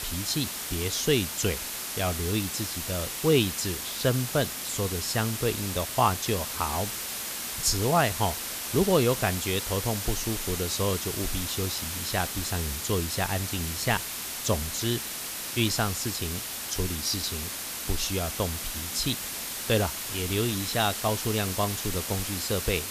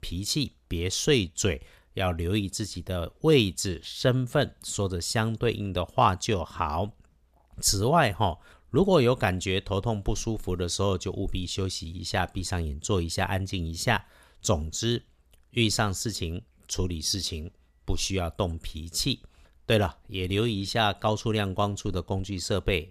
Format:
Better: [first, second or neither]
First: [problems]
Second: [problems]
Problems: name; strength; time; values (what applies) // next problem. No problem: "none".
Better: second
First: hiss; loud; throughout; 3 dB below the speech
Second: none